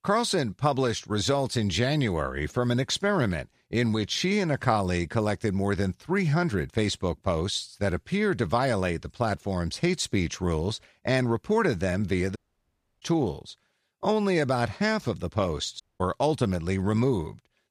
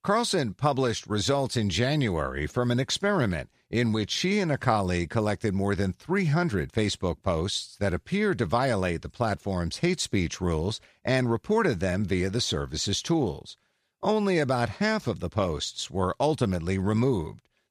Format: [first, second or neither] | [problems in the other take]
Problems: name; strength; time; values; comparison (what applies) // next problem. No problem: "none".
second | audio cutting out; at 12 s for 0.5 s and at 16 s